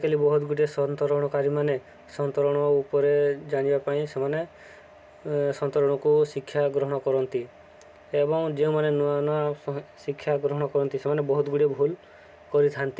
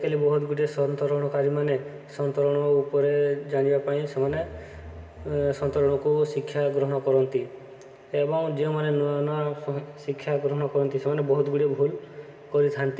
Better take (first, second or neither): first